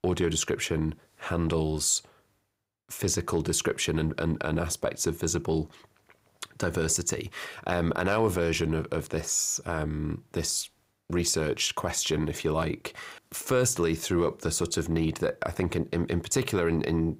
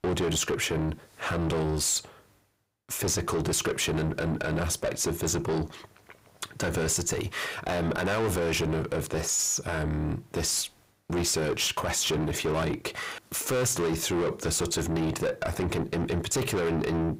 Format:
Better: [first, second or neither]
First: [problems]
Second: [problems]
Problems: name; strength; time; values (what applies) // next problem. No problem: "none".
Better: first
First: none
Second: distortion; heavy; 6 dB below the speech